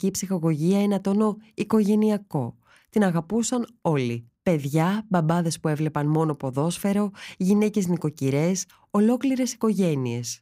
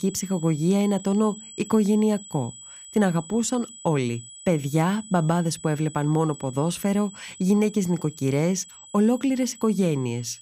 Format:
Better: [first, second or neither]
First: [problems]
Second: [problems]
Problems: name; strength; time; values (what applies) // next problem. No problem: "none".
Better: first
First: none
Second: high-pitched whine; noticeable; throughout; 8 kHz, 15 dB below the speech